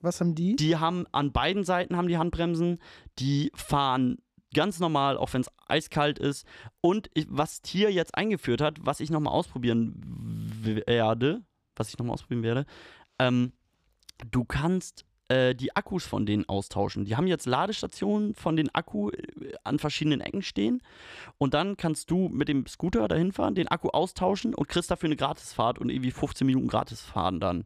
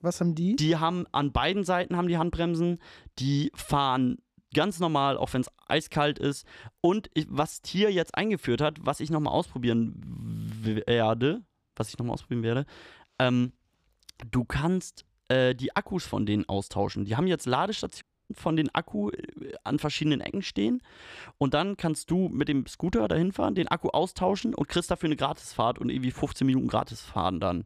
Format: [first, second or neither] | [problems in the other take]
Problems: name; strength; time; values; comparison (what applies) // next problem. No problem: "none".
first | audio cutting out; at 18 s